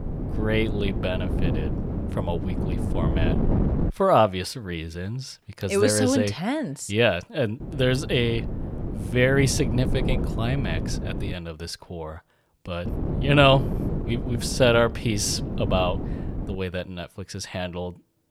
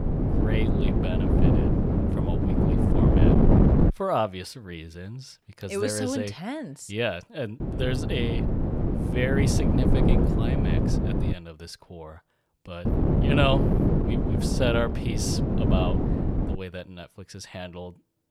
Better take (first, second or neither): first